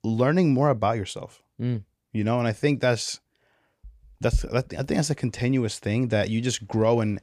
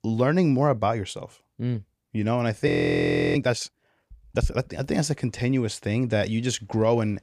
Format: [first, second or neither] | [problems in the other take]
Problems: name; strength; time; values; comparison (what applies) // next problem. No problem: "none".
first | audio freezing; at 2.5 s for 0.5 s